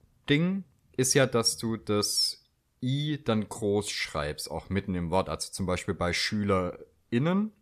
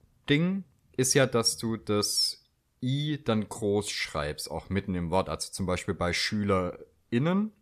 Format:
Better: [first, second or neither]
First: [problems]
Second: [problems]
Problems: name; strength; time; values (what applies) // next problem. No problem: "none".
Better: neither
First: none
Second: none